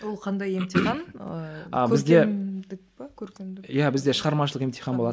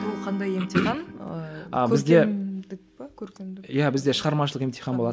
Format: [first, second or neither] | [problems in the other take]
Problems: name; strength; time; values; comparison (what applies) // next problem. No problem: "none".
first | background sound (Acoustic guitar / Strum); 17 dB below the speech